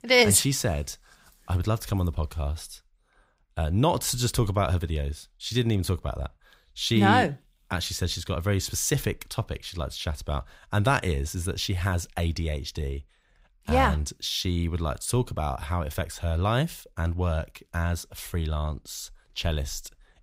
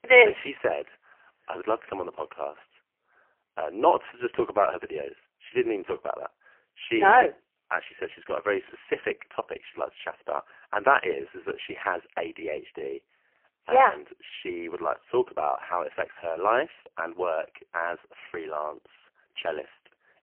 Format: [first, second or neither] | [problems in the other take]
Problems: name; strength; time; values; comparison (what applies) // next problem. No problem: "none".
first | phone-call audio; poor line; nothing above 3 kHz